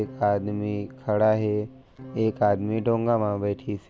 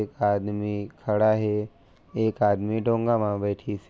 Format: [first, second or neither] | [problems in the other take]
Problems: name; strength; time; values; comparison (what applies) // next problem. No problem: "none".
second | background sound (Electric guitar / Strum); 18 dB below the speech